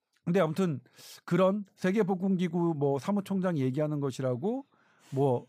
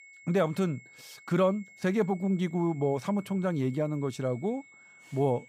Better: first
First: none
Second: high-pitched whine; faint; throughout; 2 kHz, 25 dB below the speech

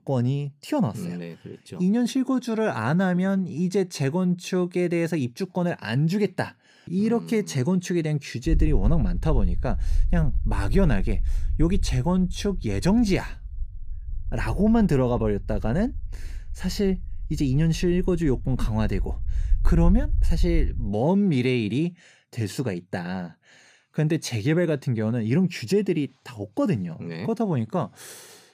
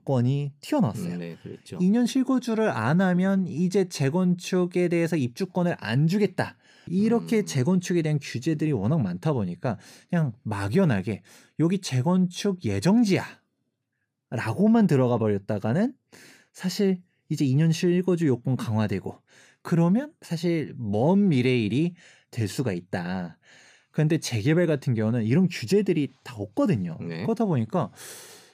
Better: second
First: low rumble; faint; from 8.5 to 21 s; 25 dB below the speech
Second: none

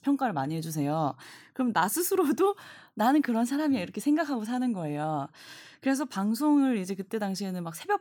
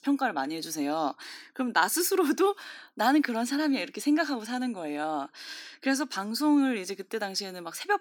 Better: first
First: none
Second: thin; very slightly; fading below 300 Hz

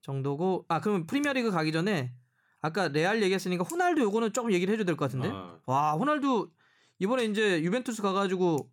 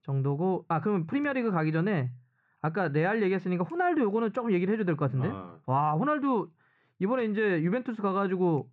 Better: first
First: none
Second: muffled; very; fading above 2 kHz

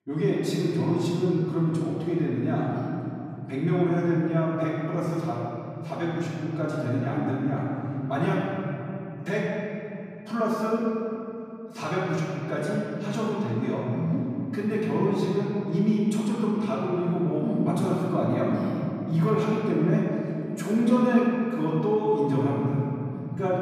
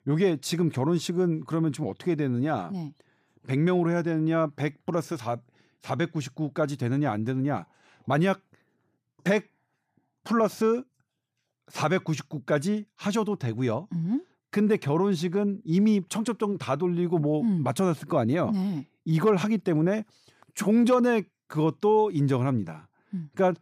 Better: second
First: room echo; strong; dies away in 3 s // off-mic speech; far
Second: none

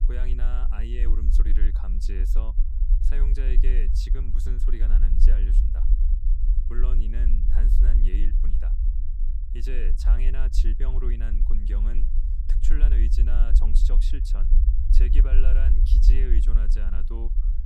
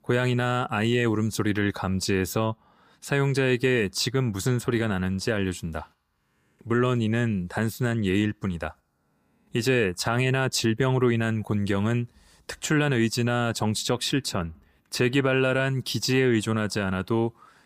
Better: second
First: low rumble; loud; throughout; 4 dB below the speech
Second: none

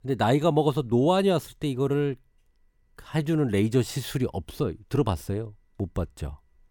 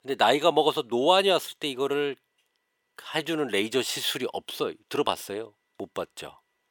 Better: first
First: none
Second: thin; somewhat; fading below 500 Hz

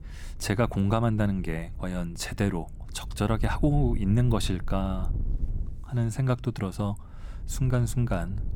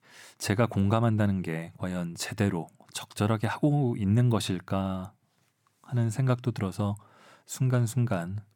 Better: second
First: wind noise on the microphone; occasional gusts; 20 dB below the speech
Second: none

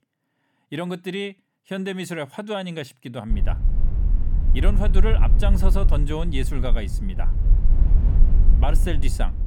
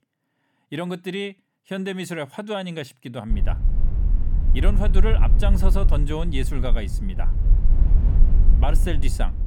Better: neither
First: low rumble; noticeable; from 3.5 s on; 10 dB below the speech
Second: low rumble; noticeable; from 3.5 s on; 10 dB below the speech

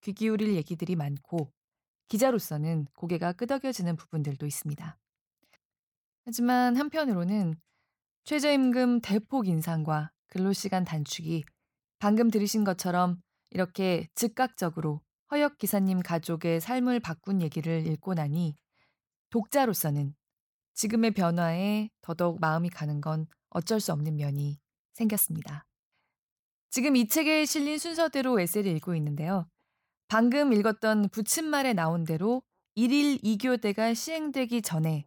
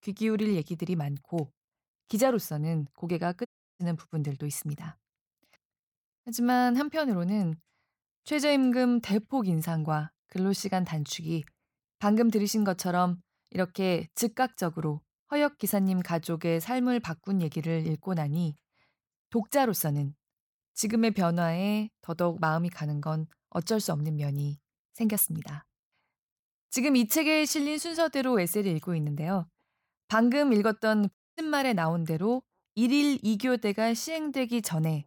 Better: first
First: none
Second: audio cutting out; at 3.5 s and at 31 s

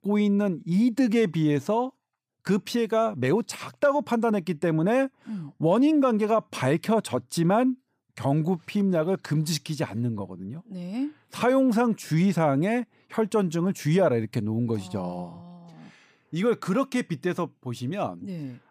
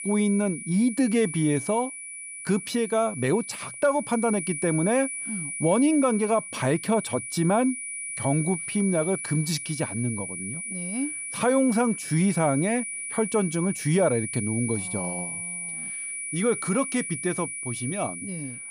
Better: first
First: none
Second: high-pitched whine; loud; throughout; 10 kHz, 6 dB below the speech

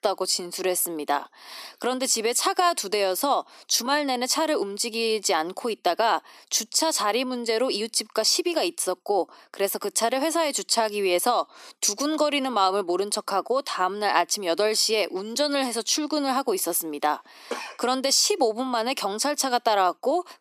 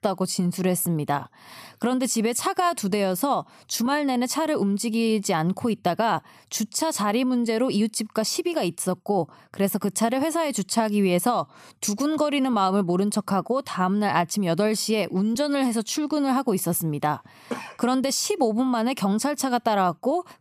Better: second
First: thin; somewhat; fading below 300 Hz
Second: none

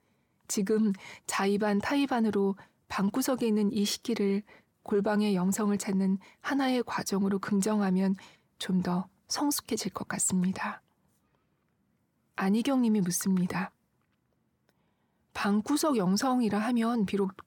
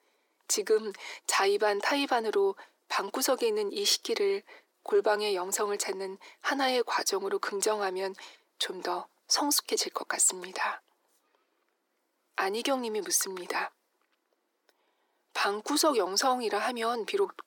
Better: first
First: none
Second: thin; very; fading below 350 Hz

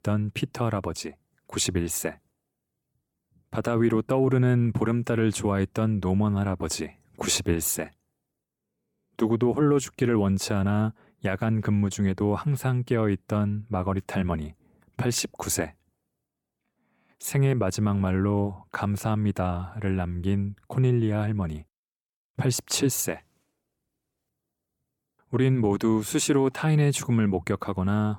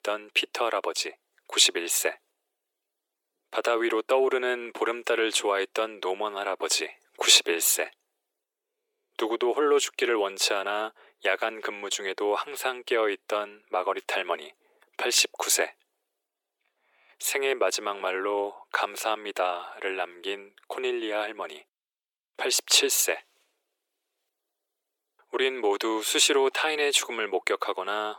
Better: first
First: none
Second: thin; very; fading below 400 Hz

